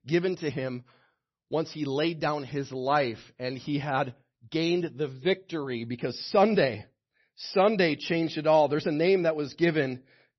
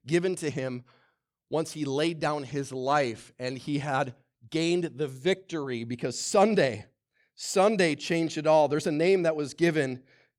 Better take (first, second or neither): second